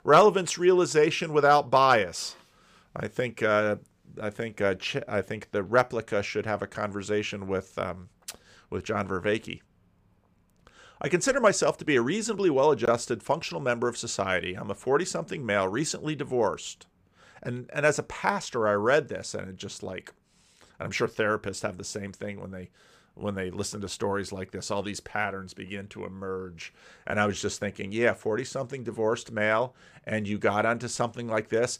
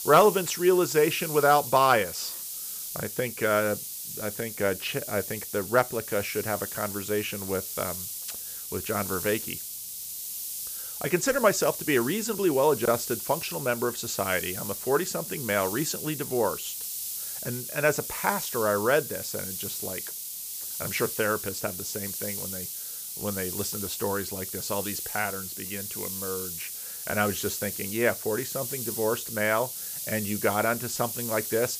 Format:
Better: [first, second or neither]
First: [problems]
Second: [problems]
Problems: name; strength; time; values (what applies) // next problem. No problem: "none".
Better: first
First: none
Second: hiss; loud; throughout; 5 dB below the speech